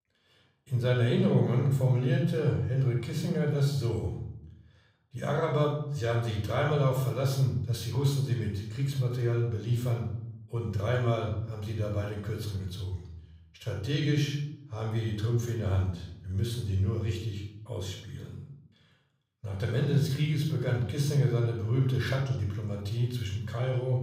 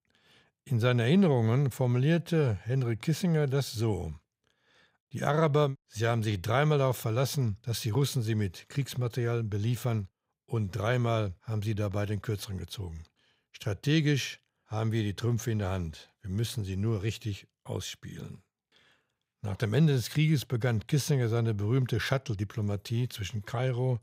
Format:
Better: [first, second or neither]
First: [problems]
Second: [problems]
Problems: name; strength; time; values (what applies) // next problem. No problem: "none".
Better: second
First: off-mic speech; far // room echo; noticeable; dies away in 0.6 s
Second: none